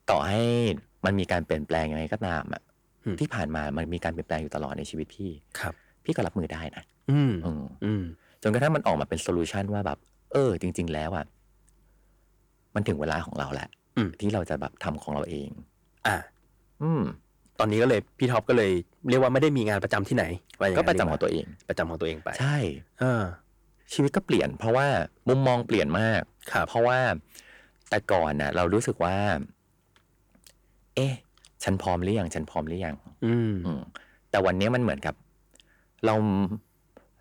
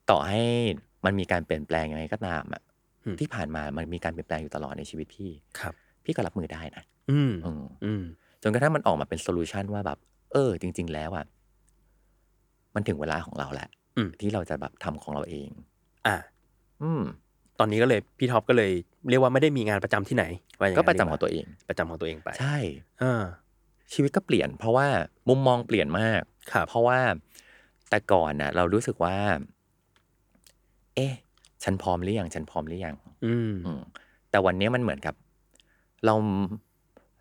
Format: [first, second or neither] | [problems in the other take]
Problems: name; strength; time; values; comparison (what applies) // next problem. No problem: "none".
second | distortion; slight; 10 dB below the speech